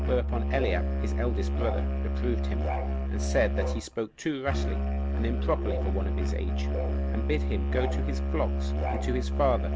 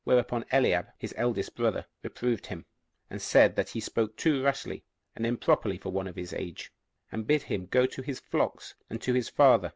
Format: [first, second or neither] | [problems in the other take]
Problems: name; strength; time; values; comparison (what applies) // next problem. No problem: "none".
second | background sound (Musical instrument); 5 dB above the speech